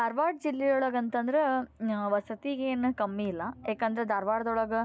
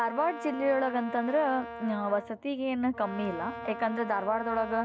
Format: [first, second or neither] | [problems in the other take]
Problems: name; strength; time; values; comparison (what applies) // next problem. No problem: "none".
first | background sound (Brass instrument); 11 dB below the speech